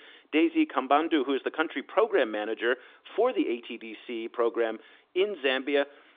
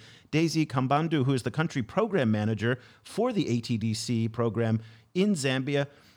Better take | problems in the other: second | phone-call audio; nothing above 3.5 kHz

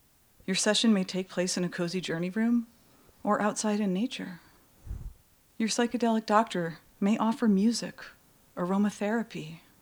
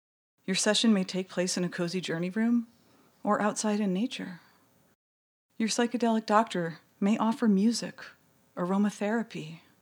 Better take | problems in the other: second | hiss; faint; throughout; 30 dB below the speech

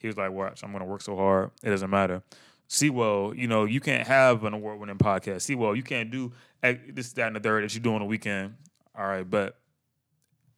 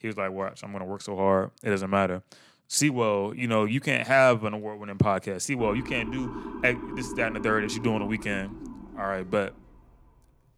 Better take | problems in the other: first | siren; noticeable; from 5.5 to 10 s; peak 9 dB below the speech

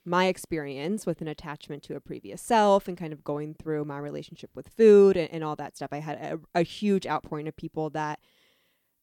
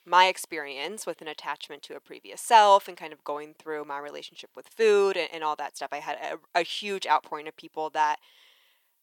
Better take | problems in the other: first | thin; very; fading below 700 Hz

